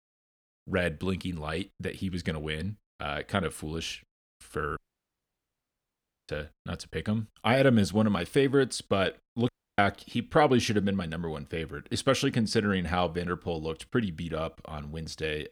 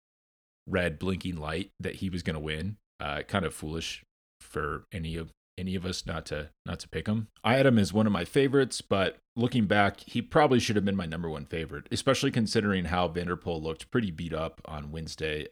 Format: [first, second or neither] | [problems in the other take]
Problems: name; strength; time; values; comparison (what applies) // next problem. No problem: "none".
second | audio cutting out; at 5 s for 1.5 s and at 9.5 s